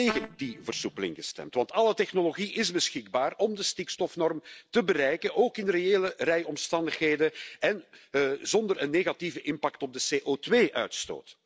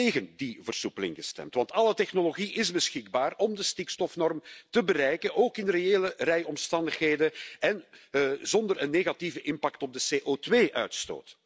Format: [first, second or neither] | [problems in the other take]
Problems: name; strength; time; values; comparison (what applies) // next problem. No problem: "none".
second | noise reduction (neural separator model SepFormer DNS4)